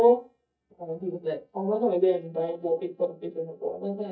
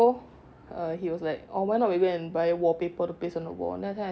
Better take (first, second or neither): second